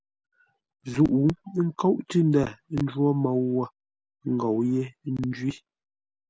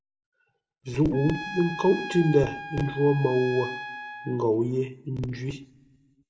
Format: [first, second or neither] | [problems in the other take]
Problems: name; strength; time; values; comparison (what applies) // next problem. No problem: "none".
first | background sound (Trumpet); 11 dB below the speech // room echo; dies away in 0.7 s